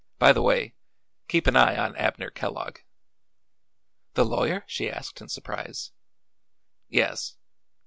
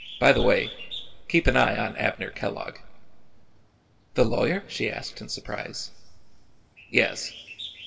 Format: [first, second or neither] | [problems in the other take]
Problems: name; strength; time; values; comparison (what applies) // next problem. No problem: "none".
first | background sound (Bird); 19 dB below the speech // room echo; dies away in 1.3 s